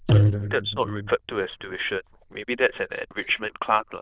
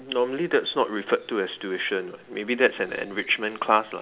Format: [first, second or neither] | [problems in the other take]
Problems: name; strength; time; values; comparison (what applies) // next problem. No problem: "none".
second | noise reduction (neural diffusion model UNIVERSE++)